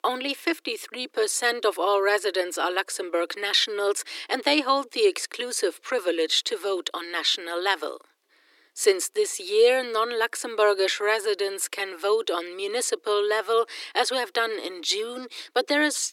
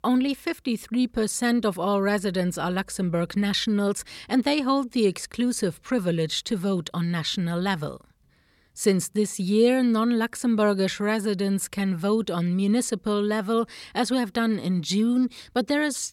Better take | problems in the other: second | thin; very; fading below 300 Hz

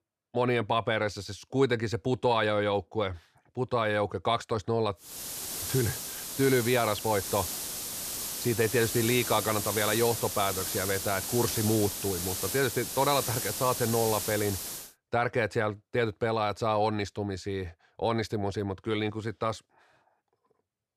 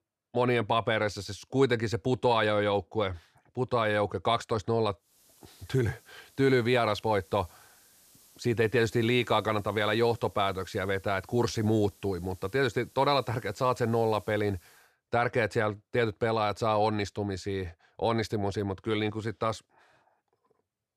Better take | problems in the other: second | hiss; loud; from 5 to 15 s; 3 dB below the speech; faint in the second

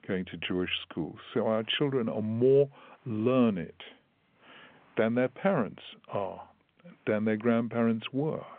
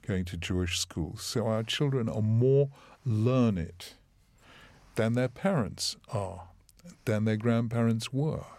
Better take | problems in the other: second | phone-call audio; nothing above 3.5 kHz

